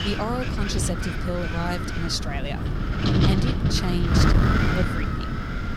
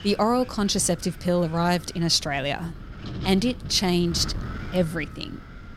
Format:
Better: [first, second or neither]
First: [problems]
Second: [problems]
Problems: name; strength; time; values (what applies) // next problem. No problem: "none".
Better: second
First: wind noise on the microphone; heavy; 2 dB above the speech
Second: wind noise on the microphone; occasional gusts; 15 dB below the speech